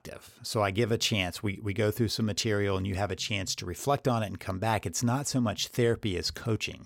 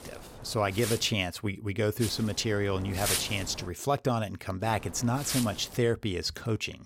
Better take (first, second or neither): first